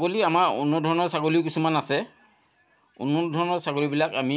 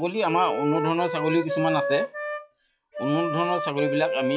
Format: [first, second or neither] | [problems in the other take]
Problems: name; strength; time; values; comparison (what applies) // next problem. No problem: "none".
first | noise reduction (classical method log-MMSE)